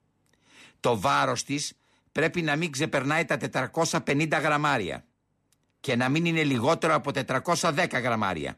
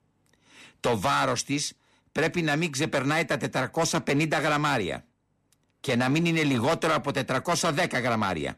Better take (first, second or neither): first